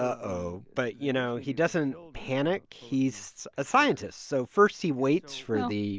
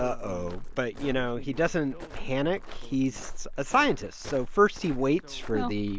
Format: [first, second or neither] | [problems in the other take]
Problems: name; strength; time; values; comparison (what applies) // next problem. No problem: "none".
first | background sound (Walk, footsteps); 7 dB below the speech